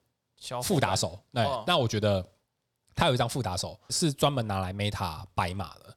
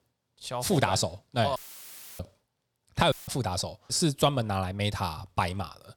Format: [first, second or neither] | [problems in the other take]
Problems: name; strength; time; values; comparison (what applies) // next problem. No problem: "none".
first | audio cutting out; filled with static; at 1.5 s for 0.5 s and at 3 s